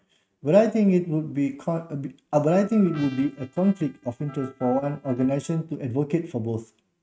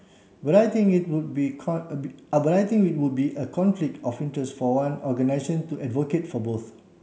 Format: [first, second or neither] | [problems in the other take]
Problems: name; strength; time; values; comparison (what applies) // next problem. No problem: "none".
second | noise reduction (neural mask model RNNoise)